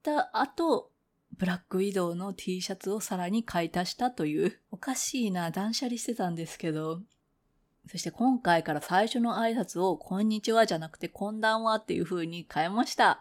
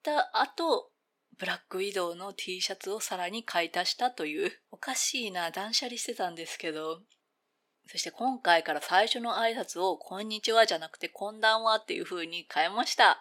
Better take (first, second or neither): first